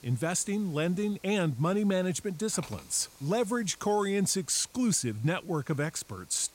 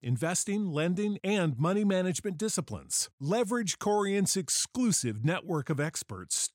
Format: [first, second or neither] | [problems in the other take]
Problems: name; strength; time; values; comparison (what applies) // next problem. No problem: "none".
second | hiss; faint; throughout; 25 dB below the speech